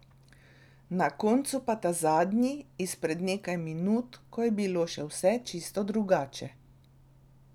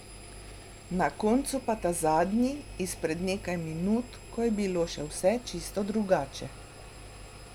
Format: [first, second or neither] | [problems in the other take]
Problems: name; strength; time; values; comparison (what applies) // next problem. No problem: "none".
first | background sound (Engine); 15 dB below the speech